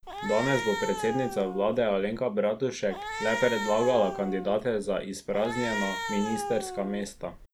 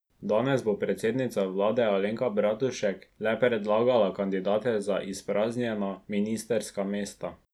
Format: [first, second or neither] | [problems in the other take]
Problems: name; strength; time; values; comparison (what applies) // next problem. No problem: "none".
second | background sound (Cat); 7 dB below the speech